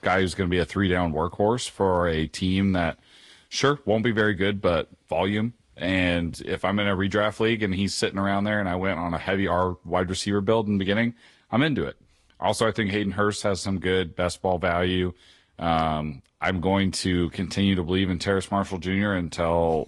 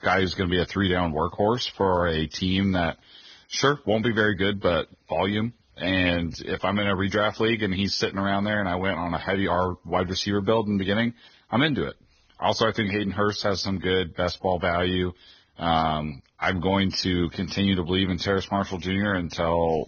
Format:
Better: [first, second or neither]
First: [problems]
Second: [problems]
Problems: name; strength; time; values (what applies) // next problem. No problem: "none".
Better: first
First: garbled, watery; slightly; nothing above 10.5 kHz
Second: garbled, watery; badly; nothing above 6.5 kHz